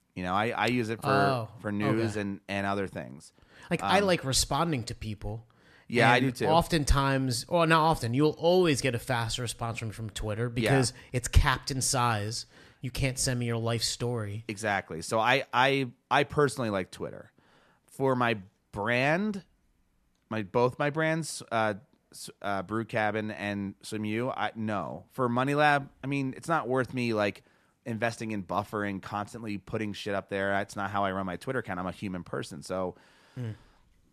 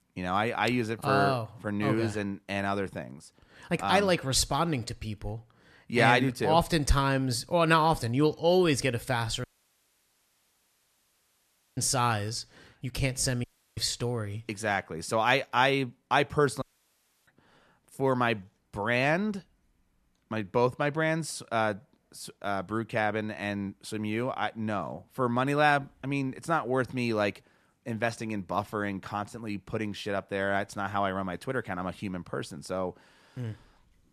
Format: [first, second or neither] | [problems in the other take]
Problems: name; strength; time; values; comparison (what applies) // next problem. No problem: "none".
first | audio cutting out; at 9.5 s for 2.5 s, at 13 s and at 17 s for 0.5 s